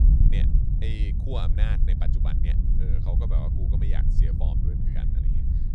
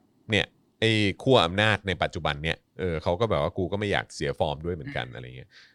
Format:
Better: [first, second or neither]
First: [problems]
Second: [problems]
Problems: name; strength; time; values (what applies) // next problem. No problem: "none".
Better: second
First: wind noise on the microphone; heavy; as loud as the speech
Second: none